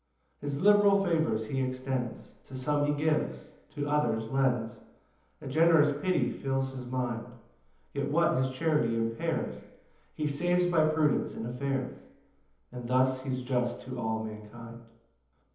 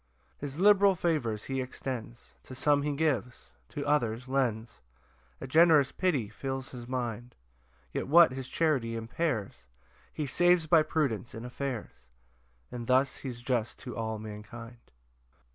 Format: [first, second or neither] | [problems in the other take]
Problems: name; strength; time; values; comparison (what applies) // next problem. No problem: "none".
second | room echo; dies away in 1.3 s